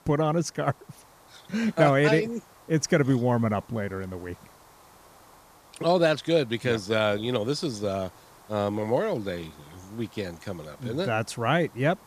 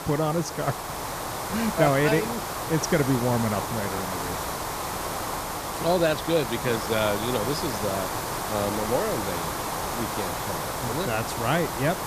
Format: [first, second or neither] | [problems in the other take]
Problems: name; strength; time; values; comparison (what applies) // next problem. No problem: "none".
first | hiss; loud; throughout; 3 dB below the speech; faint in the first